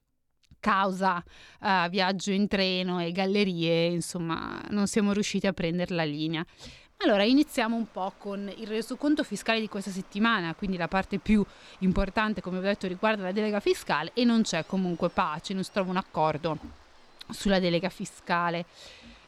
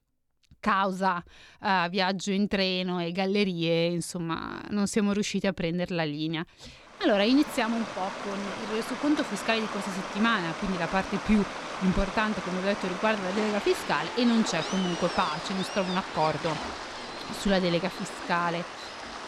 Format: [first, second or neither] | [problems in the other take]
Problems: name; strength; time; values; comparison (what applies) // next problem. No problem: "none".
first | rain or running water; loud; from 7 s on; 7 dB below the speech; faint in the first